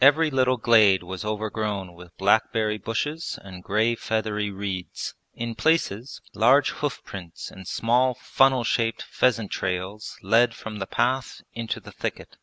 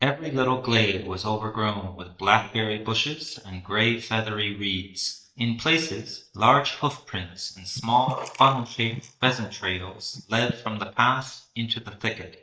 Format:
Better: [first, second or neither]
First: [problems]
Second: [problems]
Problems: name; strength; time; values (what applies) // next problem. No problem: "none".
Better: first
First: none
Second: noise reduction (neural mask model DeepFilterNet 3)